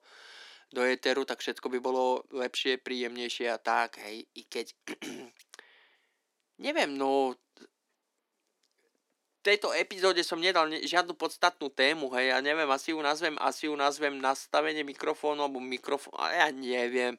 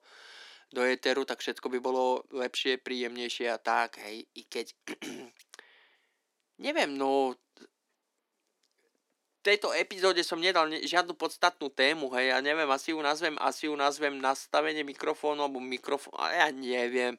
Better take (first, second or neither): neither